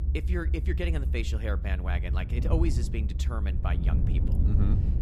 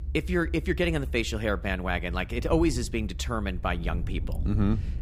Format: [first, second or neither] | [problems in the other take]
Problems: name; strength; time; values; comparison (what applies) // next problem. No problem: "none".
second | low rumble; loud; throughout; 6 dB below the speech; faint in the second